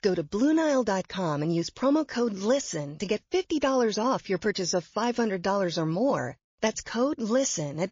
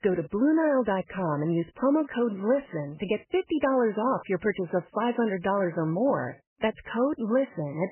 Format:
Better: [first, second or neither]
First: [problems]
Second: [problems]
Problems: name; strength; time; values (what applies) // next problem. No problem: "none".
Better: first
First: garbled, watery; slightly; nothing above 6.5 kHz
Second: garbled, watery; badly; nothing above 3 kHz